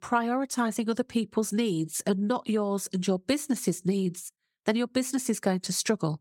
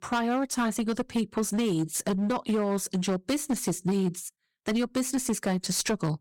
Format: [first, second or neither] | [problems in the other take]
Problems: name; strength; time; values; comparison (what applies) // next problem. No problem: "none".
first | distortion; slight; 14% of the sound clipped